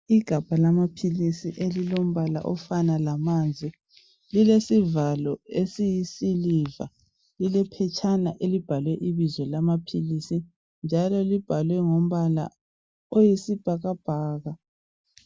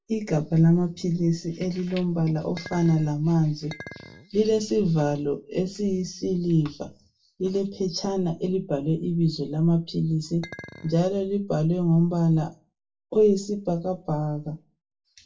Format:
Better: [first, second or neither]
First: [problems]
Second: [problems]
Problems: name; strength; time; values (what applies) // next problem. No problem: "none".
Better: first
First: none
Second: background sound (Chink, clink); 19 dB below the speech // room echo; dies away in 0.2 s